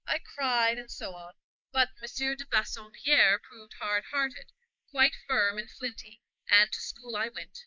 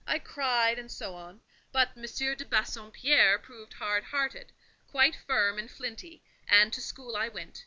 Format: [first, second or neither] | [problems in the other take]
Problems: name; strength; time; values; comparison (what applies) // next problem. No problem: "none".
second | noise reduction (neural mask model Resemble Enhance denoiser)